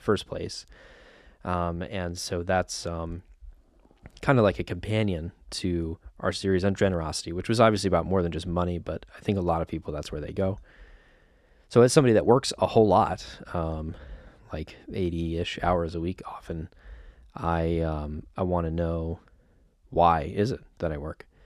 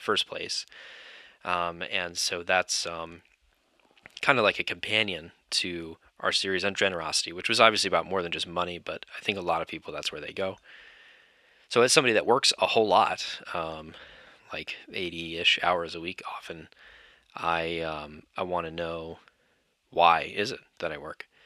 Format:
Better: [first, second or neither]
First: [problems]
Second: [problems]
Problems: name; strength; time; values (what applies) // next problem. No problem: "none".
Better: first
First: none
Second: thin; somewhat; fading below 950 Hz